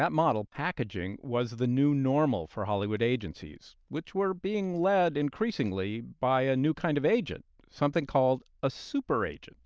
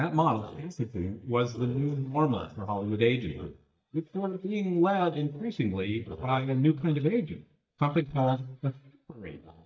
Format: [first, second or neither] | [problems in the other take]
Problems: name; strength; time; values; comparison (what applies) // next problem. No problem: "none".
first | noise reduction (neural mask model DeepFilterNet 3)